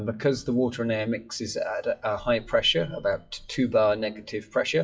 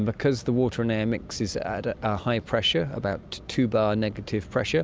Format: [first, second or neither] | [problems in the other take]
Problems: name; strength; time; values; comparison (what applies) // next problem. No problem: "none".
second | noise reduction (classical method WPE with log-MMSE)